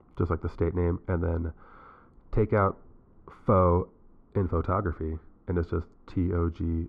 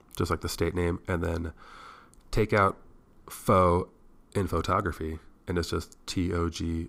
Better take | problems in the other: second | muffled; very; fading above 1 kHz

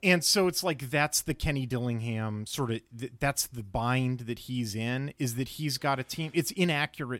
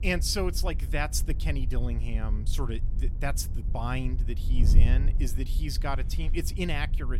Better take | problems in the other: first | wind noise on the microphone; occasional gusts; 15 dB below the speech

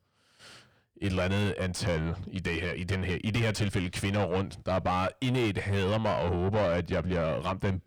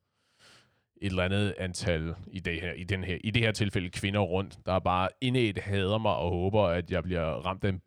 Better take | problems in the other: second | distortion; heavy; 6 dB below the speech

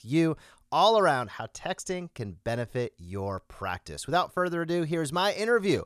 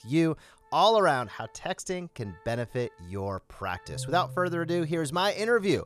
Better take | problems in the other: first | background music; noticeable; throughout; 15 dB below the speech

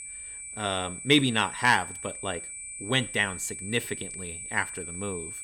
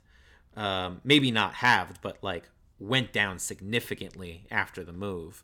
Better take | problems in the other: second | high-pitched whine; loud; throughout; 8 kHz, 9 dB below the speech

